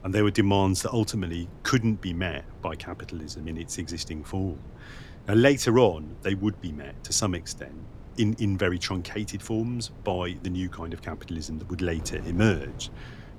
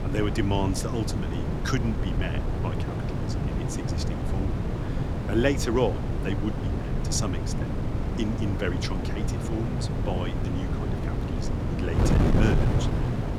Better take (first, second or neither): first